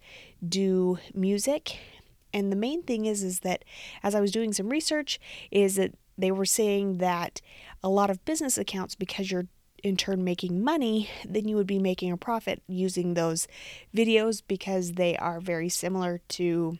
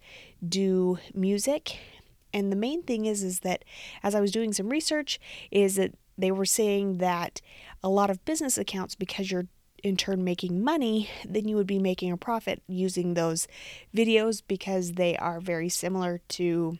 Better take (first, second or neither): neither